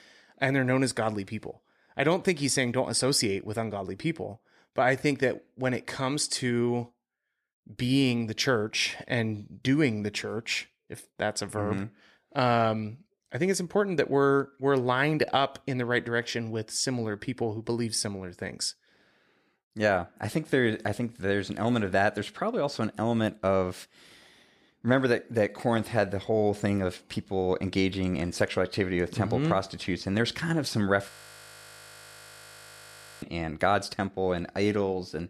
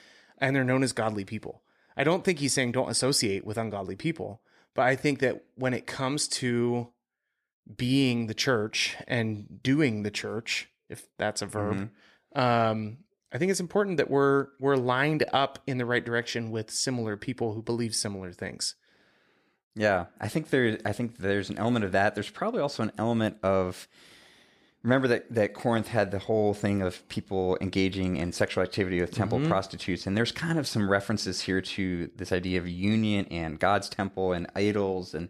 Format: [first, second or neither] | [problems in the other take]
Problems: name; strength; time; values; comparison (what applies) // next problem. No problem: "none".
second | audio freezing; at 31 s for 2 s